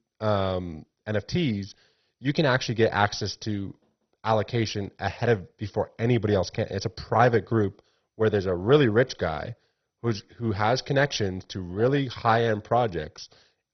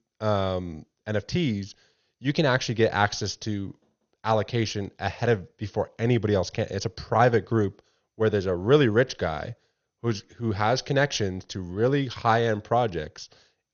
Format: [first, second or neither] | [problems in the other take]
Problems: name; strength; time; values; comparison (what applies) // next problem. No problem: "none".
second | garbled, watery; badly; nothing above 6 kHz; slightly in the second